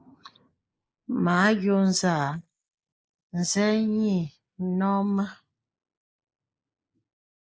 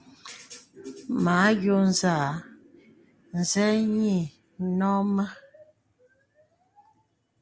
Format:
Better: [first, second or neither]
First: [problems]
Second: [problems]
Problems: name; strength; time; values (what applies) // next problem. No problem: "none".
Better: second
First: noise reduction (neural mask model Resemble Enhance denoiser)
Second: none